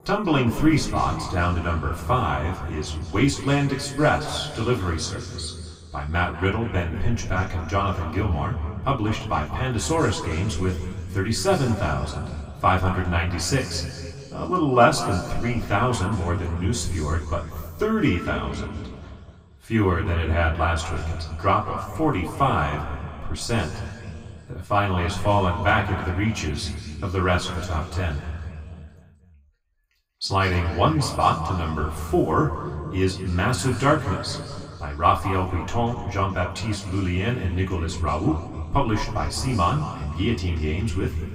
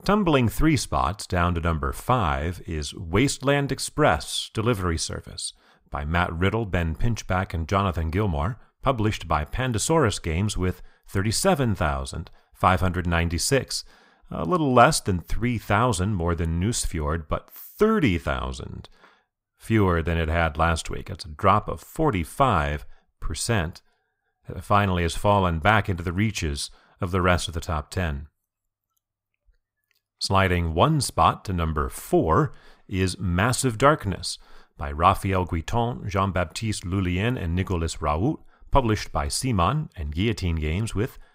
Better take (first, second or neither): second